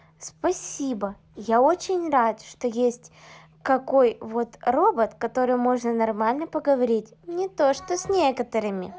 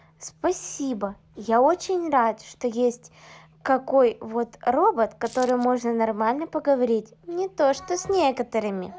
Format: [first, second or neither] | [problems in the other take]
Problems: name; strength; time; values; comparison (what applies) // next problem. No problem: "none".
first | background sound (Coin (dropping)); 20 dB below the speech